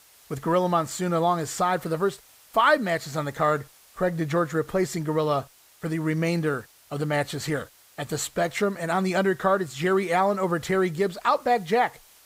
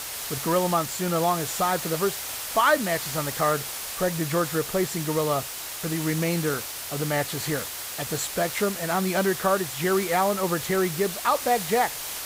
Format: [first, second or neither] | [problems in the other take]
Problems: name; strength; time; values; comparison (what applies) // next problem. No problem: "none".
first | hiss; loud; throughout; 5 dB below the speech; faint in the first